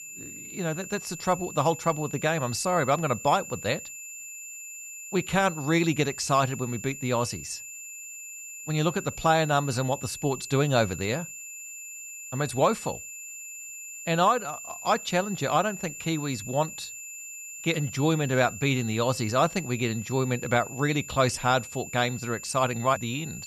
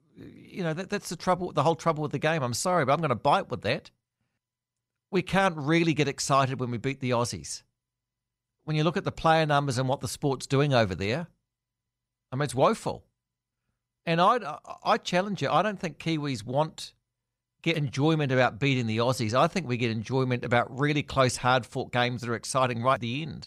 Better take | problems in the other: second | high-pitched whine; noticeable; throughout; 7 kHz, 10 dB below the speech

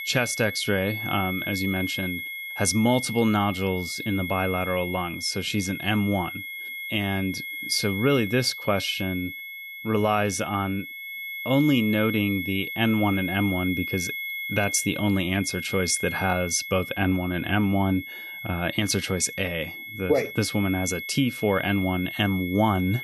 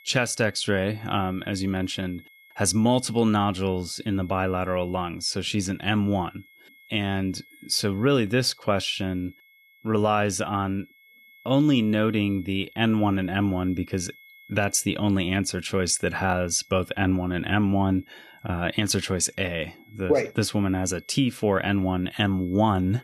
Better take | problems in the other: second | high-pitched whine; loud; throughout; 2 kHz, 7 dB below the speech; faint in the second

